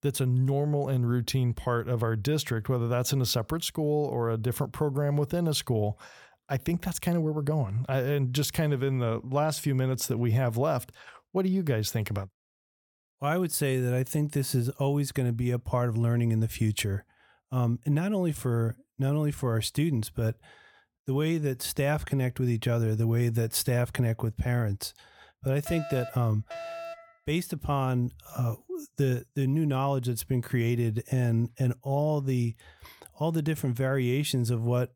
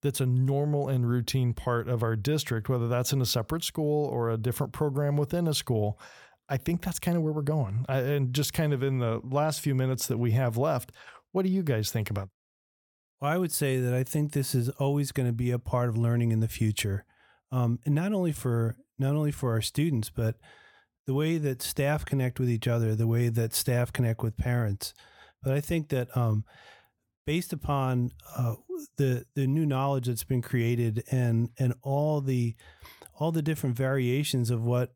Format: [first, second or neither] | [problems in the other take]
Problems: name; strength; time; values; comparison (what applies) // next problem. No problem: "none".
second | alarm; noticeable; from 26 to 27 s; peak 9 dB below the speech